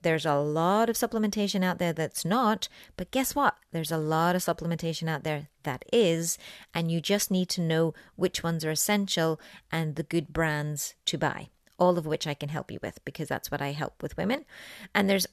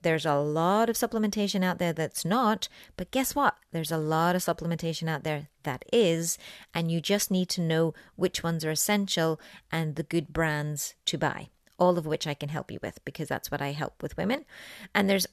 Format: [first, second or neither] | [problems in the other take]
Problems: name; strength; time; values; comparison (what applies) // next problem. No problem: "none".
neither | none